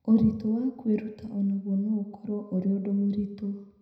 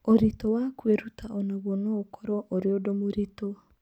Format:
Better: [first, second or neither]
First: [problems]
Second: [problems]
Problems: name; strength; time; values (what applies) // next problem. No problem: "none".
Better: second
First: room echo; dies away in 0.8 s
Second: none